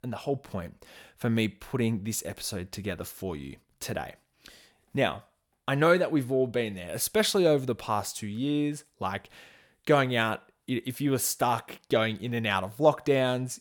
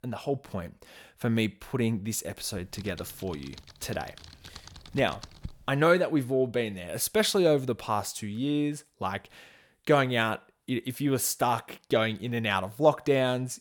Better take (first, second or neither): first